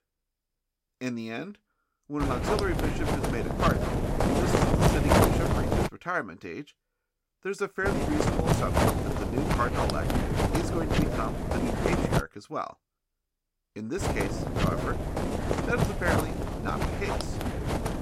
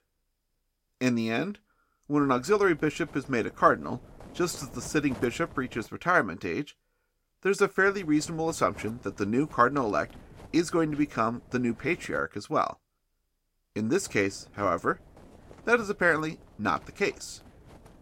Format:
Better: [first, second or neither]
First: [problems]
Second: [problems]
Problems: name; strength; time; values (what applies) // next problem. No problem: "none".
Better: second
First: wind noise on the microphone; heavy; from 2 to 6 s, from 8 to 12 s and from 14 s on; 4 dB above the speech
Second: wind noise on the microphone; occasional gusts; from 2 to 6 s, from 8 to 12 s and from 14 s on; 25 dB below the speech